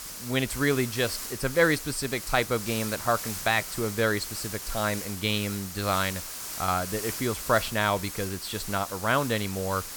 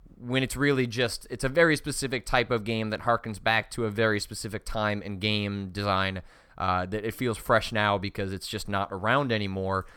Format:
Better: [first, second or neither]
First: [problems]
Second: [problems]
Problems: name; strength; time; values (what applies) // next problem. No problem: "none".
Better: second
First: hiss; loud; throughout; 7 dB below the speech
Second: none